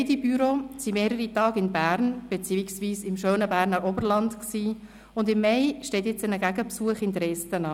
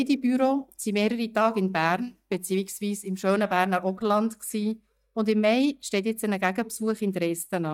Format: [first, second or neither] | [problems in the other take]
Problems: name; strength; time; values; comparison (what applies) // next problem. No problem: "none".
first | noise reduction (neural mask model DeepFilterNet 3)